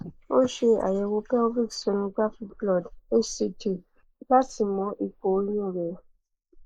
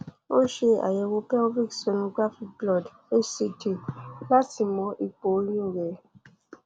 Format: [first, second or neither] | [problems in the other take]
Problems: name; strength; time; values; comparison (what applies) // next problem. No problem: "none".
second | noise reduction (neural mask model Resemble Enhance denoiser)